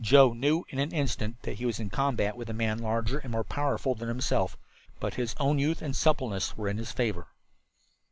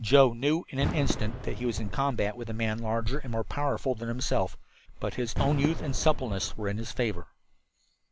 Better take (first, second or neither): first